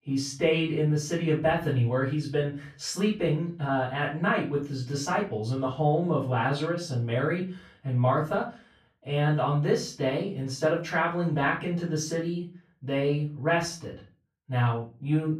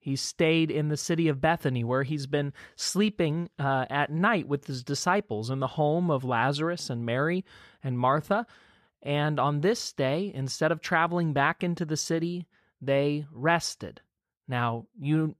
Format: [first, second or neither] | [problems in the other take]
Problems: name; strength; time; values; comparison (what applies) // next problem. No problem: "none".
second | off-mic speech; far // room echo; slight; dies away in 0.3 s